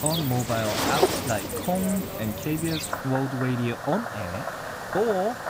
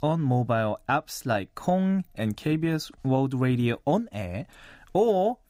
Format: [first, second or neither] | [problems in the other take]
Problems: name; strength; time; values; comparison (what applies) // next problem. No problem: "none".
second | animal sounds; loud; throughout; 1 dB below the speech